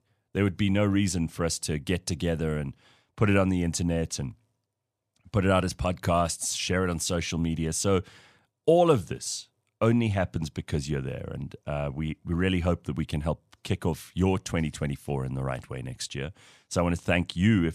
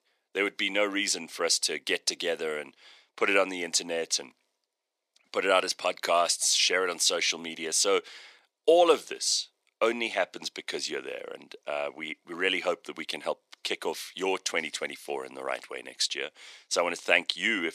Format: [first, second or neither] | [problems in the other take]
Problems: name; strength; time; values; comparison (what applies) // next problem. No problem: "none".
first | thin; very; fading below 350 Hz